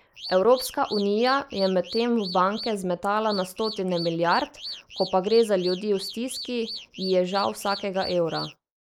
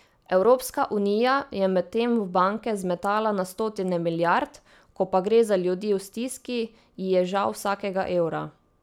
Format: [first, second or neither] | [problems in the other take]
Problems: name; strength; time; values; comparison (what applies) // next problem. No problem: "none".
second | noise reduction (neural mask model Resemble Enhance denoiser)